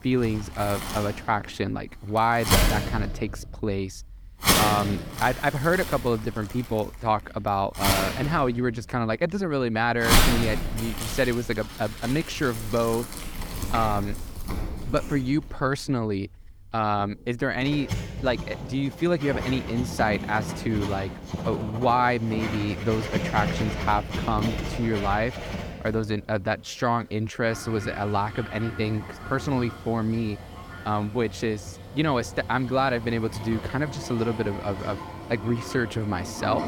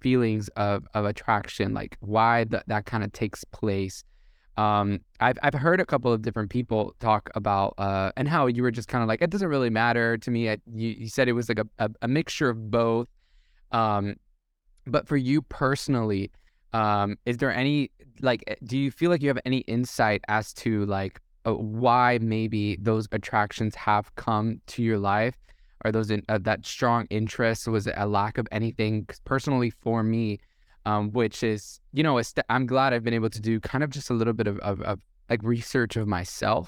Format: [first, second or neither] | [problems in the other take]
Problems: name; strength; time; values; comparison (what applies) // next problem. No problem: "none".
second | household noises; loud; throughout; 4 dB below the speech